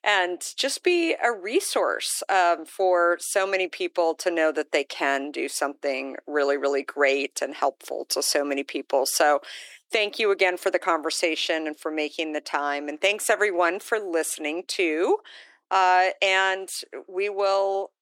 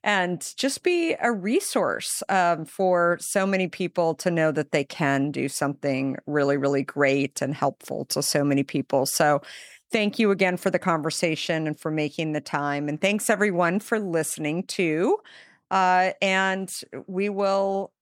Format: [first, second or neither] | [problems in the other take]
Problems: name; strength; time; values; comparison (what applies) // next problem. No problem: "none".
second | thin; somewhat; fading below 350 Hz